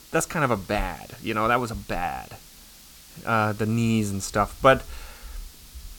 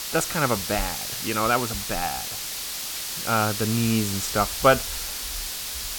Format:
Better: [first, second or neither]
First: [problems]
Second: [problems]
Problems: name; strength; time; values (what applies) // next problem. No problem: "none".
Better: first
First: hiss; faint; throughout; 20 dB below the speech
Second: hiss; loud; throughout; 4 dB below the speech